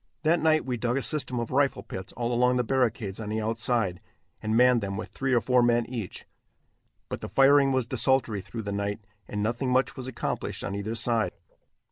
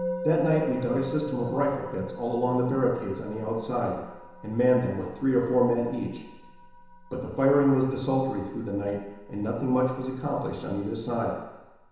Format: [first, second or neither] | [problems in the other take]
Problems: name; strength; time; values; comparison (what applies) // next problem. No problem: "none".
first | background sound (Musical instrument); 13 dB below the speech // room echo; dies away in 1 s